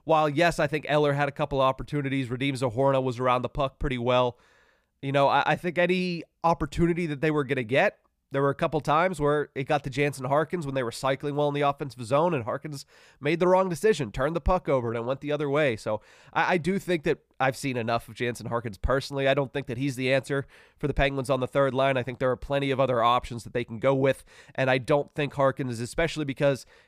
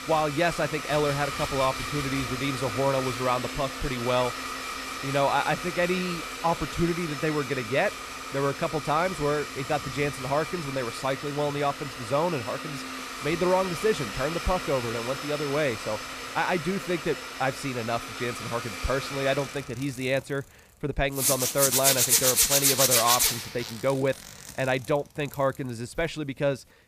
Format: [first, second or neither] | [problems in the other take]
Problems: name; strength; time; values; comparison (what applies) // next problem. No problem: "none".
first | household noises; loud; throughout; 1 dB below the speech